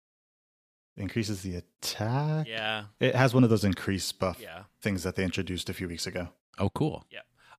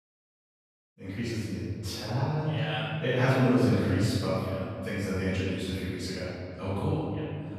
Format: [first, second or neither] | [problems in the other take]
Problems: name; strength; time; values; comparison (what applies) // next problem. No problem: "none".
first | off-mic speech; far // room echo; strong; dies away in 2.4 s